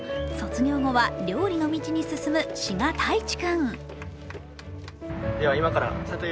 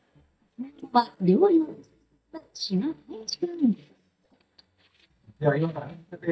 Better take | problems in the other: first | noise reduction (neural mask model DeepFilterNet 3)

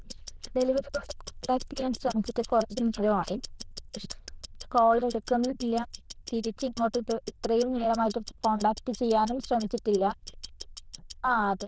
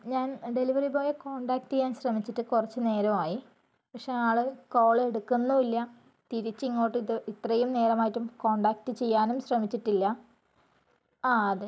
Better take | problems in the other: second | noise reduction (neural diffusion model UNIVERSE++)

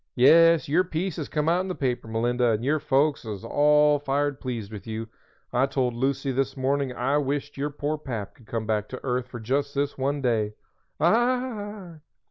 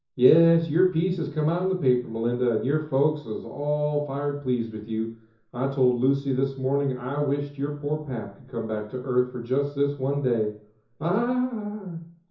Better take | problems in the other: first | room echo; dies away in 0.6 s

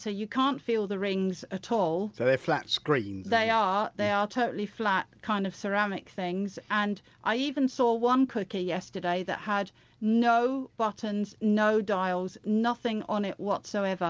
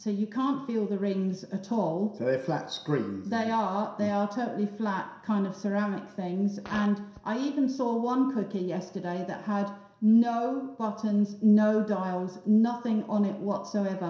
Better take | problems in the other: first | background sound (Fart); 19 dB below the speech // room echo; dies away in 0.7 s

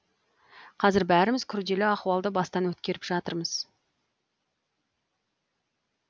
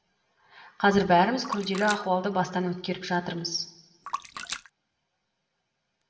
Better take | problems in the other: first | background sound (Splash, splatter); 13 dB below the speech // room echo; dies away in 0.8 s

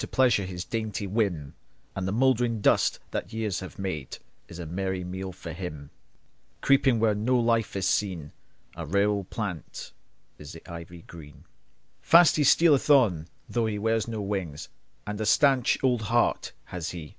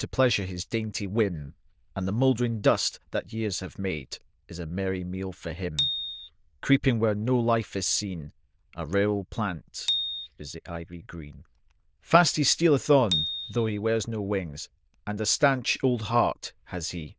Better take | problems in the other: first | noise reduction (neural diffusion model UNIVERSE++)

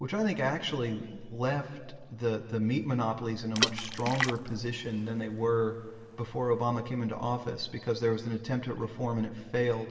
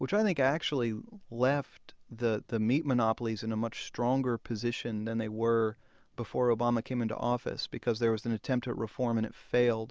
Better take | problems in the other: second | background sound (Water / Splash, splatter); 6 dB below the speech // room echo; dies away in 2.4 s

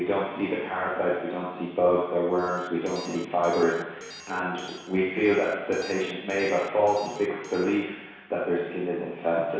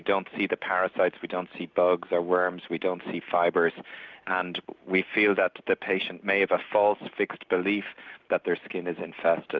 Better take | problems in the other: second | background sound (Alarm); 18 dB below the speech // room echo; dies away in 1.1 s

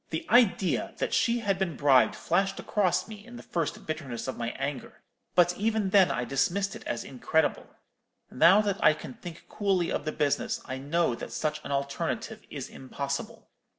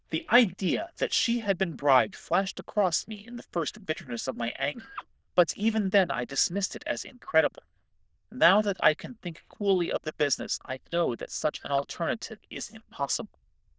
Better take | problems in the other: first | noise reduction (neural diffusion model UNIVERSE++)

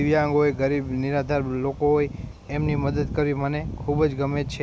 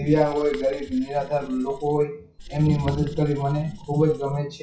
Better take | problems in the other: first | noise reduction (classical method WPE with log-MMSE)

